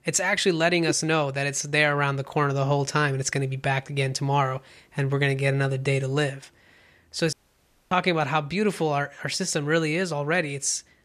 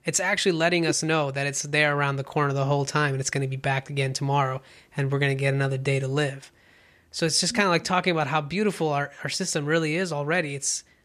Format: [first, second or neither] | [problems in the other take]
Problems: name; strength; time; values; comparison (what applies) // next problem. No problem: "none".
second | audio cutting out; at 7.5 s for 0.5 s